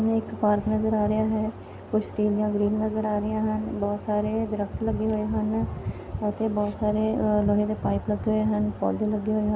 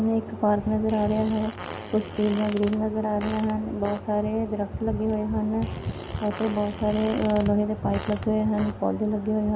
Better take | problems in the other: first | background sound (Fart); 15 dB below the speech

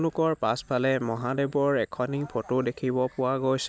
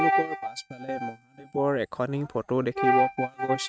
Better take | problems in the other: first | noise reduction (neural mask model RNNoise)

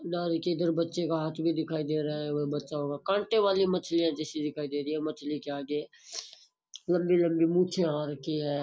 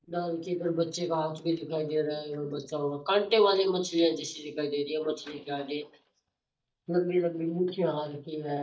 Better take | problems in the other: first | noise reduction (neural mask model DeepFilterNet 3)

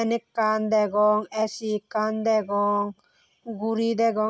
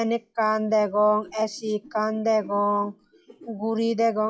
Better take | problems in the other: first | noise reduction (classical method log-MMSE)

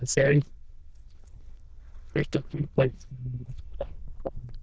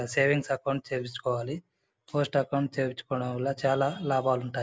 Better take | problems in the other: second | noise reduction (neural diffusion model UNIVERSE++)

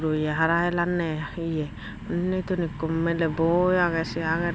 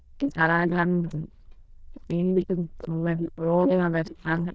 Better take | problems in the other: first | noise reduction (neural diffusion model UNIVERSE++)

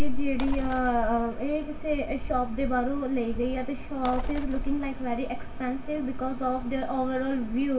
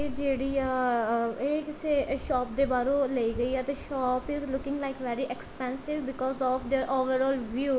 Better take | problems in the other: second | background sound (Bird); 10 dB below the speech // room echo; dies away in 0.2 s

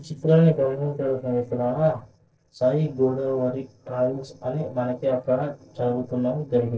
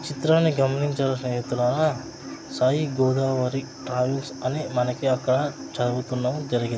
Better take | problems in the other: second | noise reduction (neural separator model SepFormer DNS4)

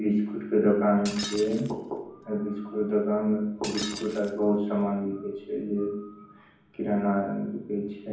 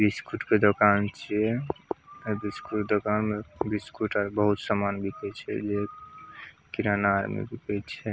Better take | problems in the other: second | background sound (Shatter); 15 dB below the speech // room echo; dies away in 1.2 s

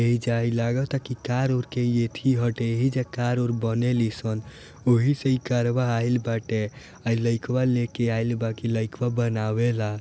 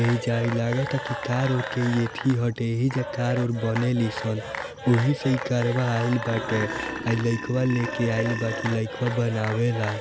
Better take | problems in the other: first | background sound (Applause / Cheering / Clapping + Burping, eructation); 8 dB below the speech

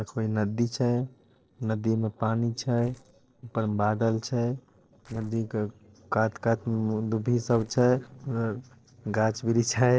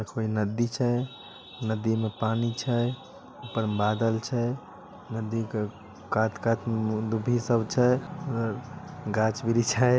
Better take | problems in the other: second | noise reduction (neural separator model SepFormer DNS4)

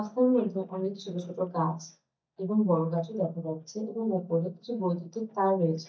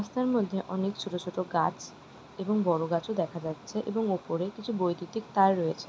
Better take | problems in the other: second | noise reduction (neural mask model DeepFilterNet 3)

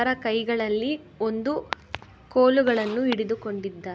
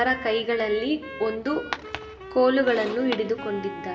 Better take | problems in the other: first | background sound (Wind instrument, woodwind instrument); 14 dB below the speech // room echo; dies away in 0.9 s

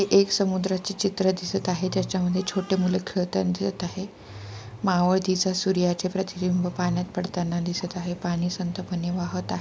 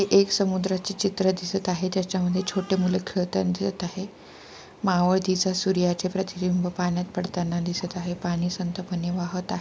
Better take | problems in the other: second | background sound (Growling); 18 dB below the speech

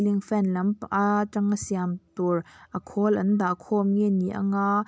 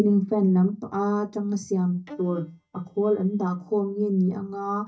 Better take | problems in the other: first | noise reduction (neural mask model DeepFilterNet 3)

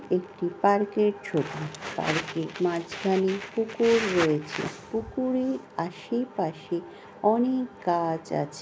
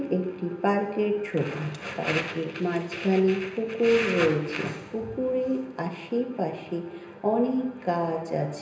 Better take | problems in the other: first | room echo; dies away in 0.9 s

